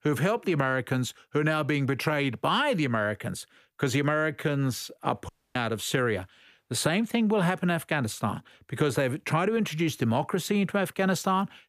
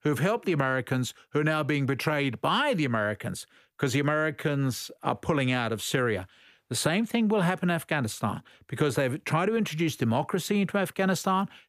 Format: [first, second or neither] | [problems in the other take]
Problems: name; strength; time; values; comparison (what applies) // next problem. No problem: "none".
second | audio cutting out; at 5.5 s